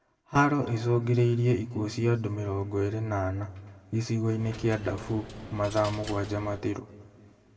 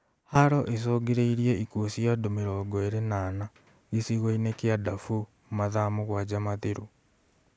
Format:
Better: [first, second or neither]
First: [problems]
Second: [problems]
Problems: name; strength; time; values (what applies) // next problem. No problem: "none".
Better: second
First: background sound (Coin (dropping)); 14 dB below the speech // room echo; dies away in 1.4 s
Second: none